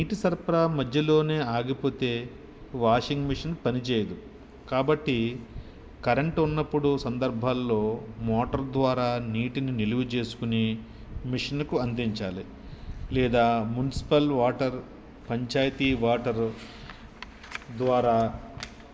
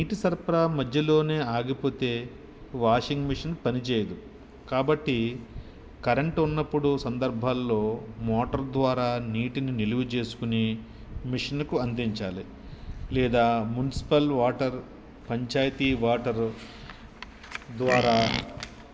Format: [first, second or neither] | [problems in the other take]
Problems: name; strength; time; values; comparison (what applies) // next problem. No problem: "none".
first | background sound (Livestock, farm animals, working animals); 4 dB below the speech